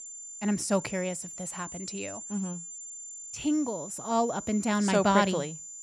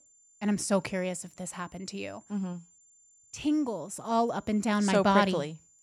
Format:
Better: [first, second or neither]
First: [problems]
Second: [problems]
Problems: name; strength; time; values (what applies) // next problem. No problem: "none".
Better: second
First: high-pitched whine; loud; throughout; 7 kHz, 10 dB below the speech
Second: high-pitched whine; faint; throughout; 7 kHz, 30 dB below the speech